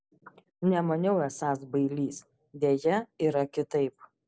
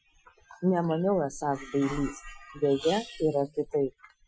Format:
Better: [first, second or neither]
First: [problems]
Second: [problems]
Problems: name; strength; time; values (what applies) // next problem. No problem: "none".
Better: first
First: none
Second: noise reduction (classical method Wiener filter)